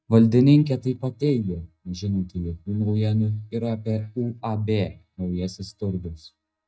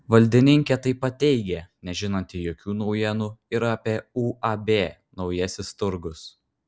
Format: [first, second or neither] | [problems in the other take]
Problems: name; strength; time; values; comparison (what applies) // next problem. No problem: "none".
second | noise reduction (neural mask model DeepFilterNet 3)